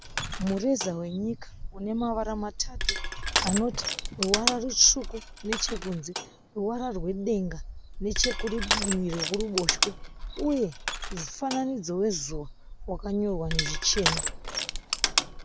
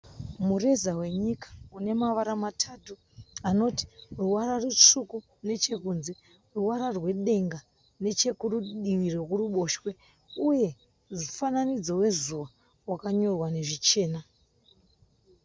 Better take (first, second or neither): second